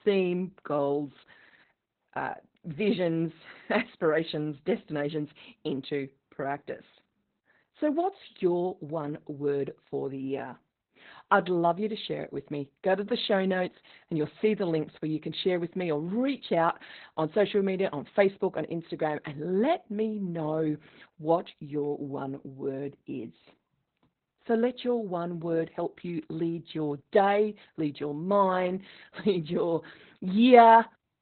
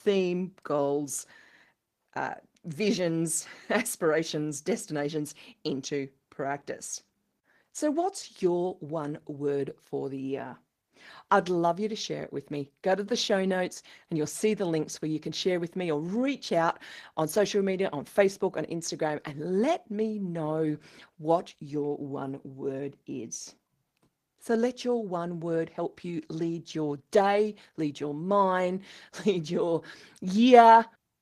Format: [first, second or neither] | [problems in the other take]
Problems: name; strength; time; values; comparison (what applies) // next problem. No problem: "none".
second | garbled, watery; badly; nothing above 4 kHz; slightly in the second